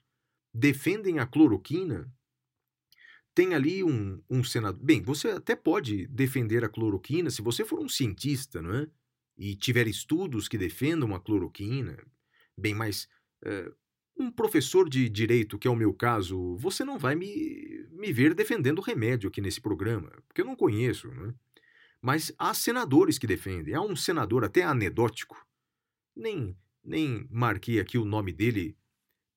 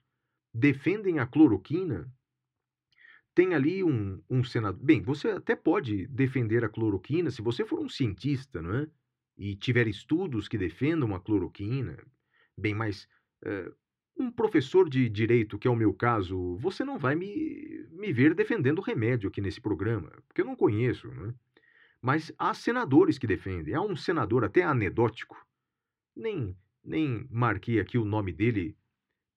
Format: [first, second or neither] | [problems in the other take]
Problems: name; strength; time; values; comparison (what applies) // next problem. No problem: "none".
first | muffled; slightly; fading above 2.5 kHz